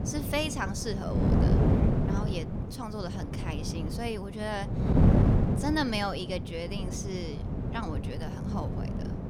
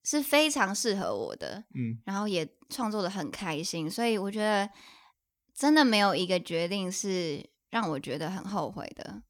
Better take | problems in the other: second | wind noise on the microphone; heavy; 2 dB below the speech

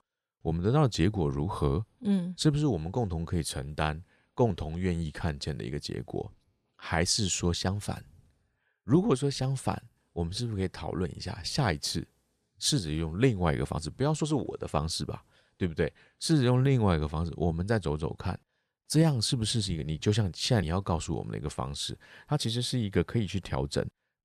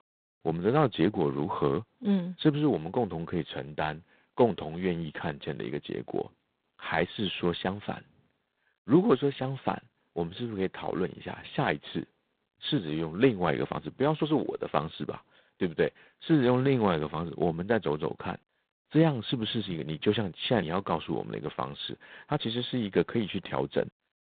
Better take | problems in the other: first | phone-call audio; poor line; nothing above 4 kHz

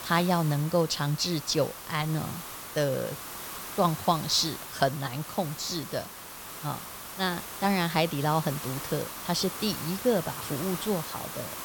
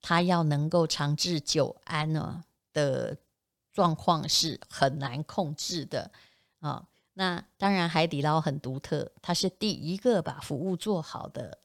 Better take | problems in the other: second | hiss; loud; throughout; 9 dB below the speech

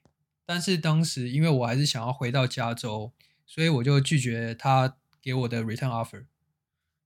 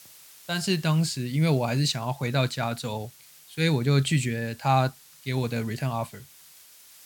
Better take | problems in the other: first | hiss; faint; throughout; 25 dB below the speech

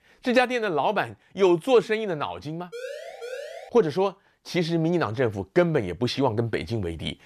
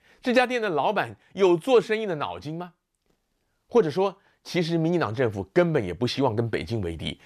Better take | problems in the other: second | siren; faint; at 2.5 s; peak 10 dB below the speech

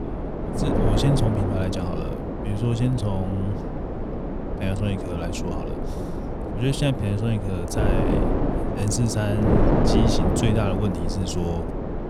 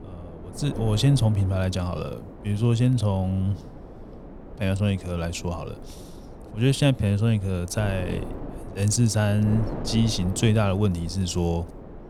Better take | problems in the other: second | wind noise on the microphone; heavy; 2 dB above the speech; occasional gusts in the second

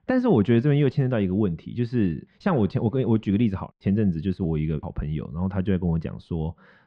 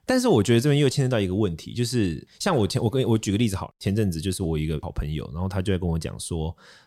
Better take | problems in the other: second | muffled; very; fading above 2.5 kHz

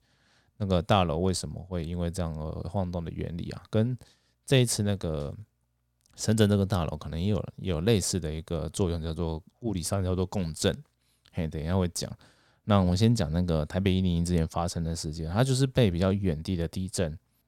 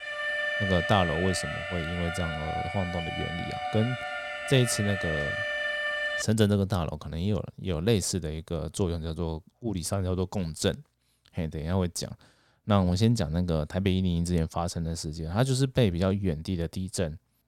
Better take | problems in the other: first | alarm; loud; until 6 s; peak 1 dB above the speech

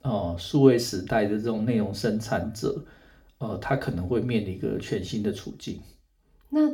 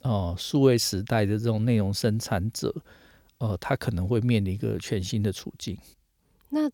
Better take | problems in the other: second | room echo; very slight; dies away in 0.3 s // off-mic speech; far

